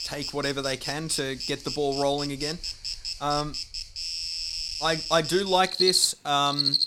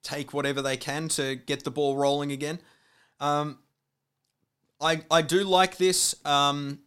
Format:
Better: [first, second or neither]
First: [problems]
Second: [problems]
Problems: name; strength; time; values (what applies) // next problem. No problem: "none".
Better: second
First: animal sounds; loud; throughout; 3 dB below the speech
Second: none